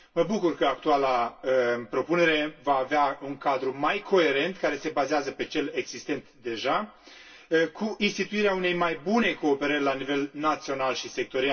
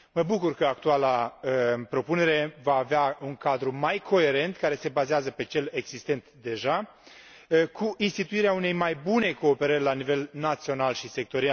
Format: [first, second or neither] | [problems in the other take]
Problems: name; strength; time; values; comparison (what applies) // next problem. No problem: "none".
second | room echo; dies away in 0.1 s